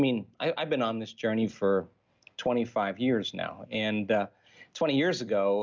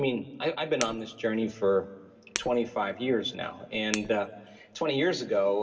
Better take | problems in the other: first | background sound (Shatter); 14 dB below the speech // room echo; dies away in 2.9 s

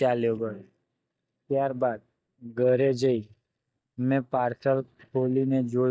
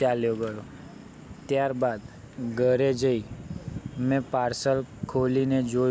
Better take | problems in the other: second | noise reduction (neural mask model DeepFilterNet 3)

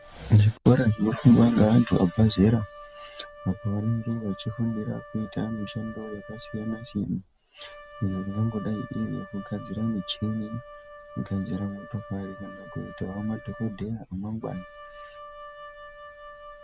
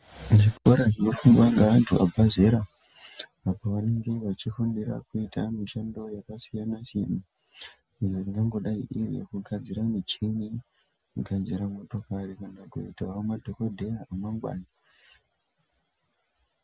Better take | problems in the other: second | background sound (Wind instrument, woodwind instrument); 18 dB below the speech

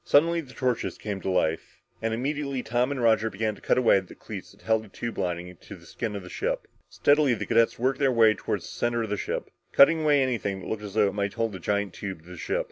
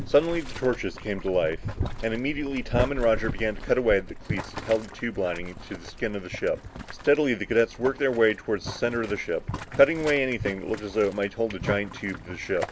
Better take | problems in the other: first | background sound (Boiling); 9 dB below the speech

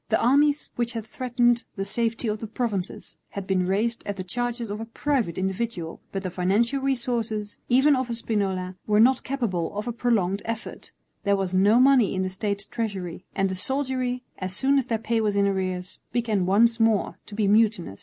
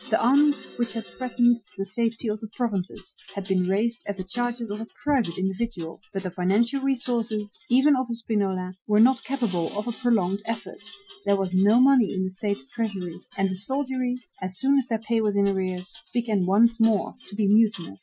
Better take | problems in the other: first | noise reduction (classical method Wiener filter)

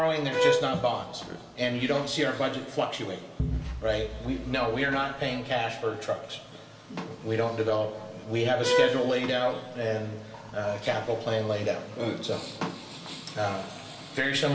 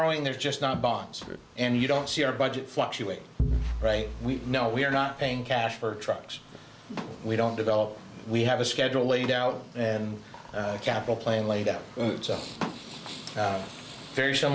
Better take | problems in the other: second | background sound (Bowed string instrument); 2 dB below the speech // room echo; dies away in 2 s

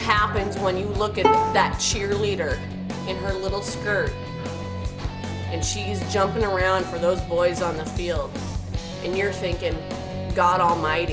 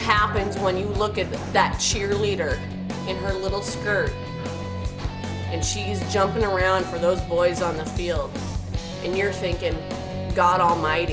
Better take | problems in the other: second | background sound (Bowed string instrument); 3 dB below the speech

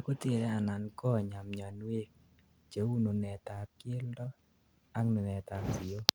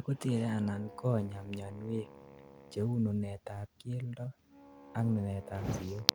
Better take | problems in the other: first | background sound (Wind instrument, woodwind instrument); 20 dB below the speech

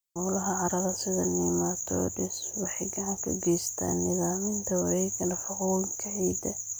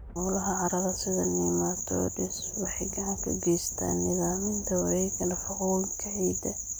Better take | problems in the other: first | background sound (Thunder); 17 dB below the speech

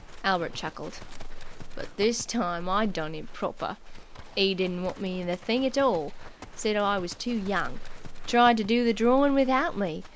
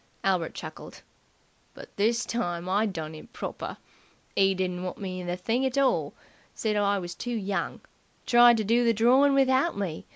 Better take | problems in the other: second | background sound (Livestock, farm animals, working animals); 10 dB below the speech

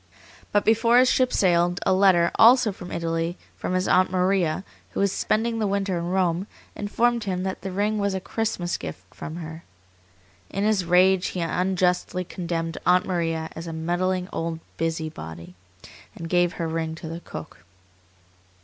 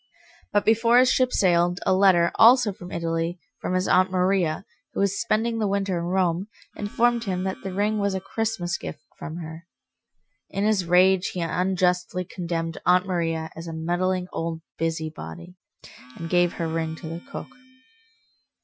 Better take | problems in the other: first | noise reduction (classical method Wiener filter)

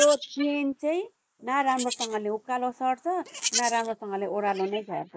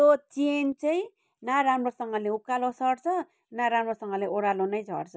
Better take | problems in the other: second | noise reduction (neural mask model Resemble Enhance denoiser)

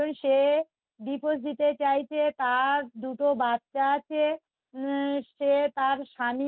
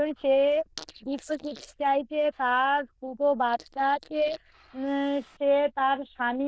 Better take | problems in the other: first | noise reduction (neural diffusion model UNIVERSE++)

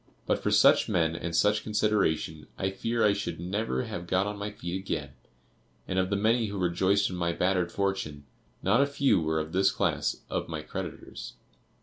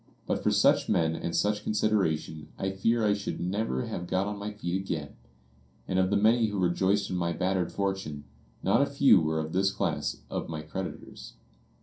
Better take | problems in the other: first | room echo; dies away in 0.3 s

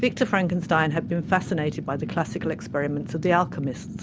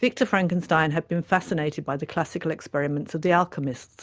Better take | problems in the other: second | background sound (Fire); 9 dB below the speech

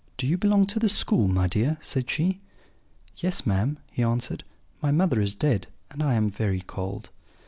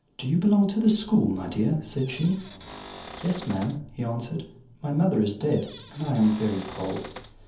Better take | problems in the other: first | background sound (Cupboard open or close / Door); 16 dB below the speech // room echo; dies away in 0.7 s

